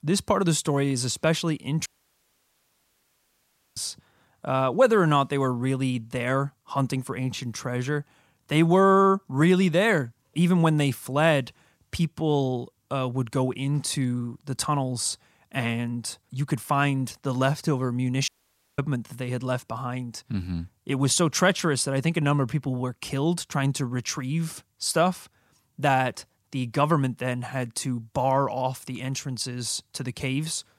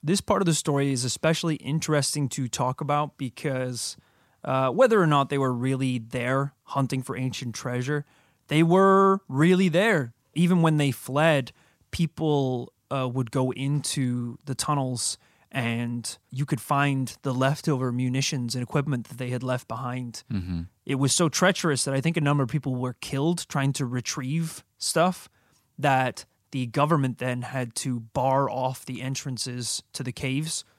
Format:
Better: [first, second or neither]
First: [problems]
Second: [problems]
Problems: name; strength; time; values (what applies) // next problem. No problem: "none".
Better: second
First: audio cutting out; at 2 s for 2 s and at 18 s for 0.5 s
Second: none